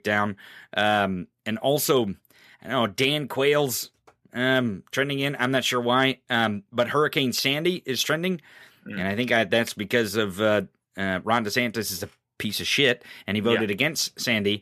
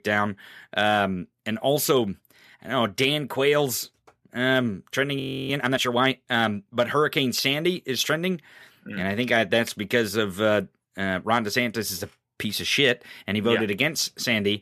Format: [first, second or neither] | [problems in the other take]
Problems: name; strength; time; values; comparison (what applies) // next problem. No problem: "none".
first | audio freezing; at 5 s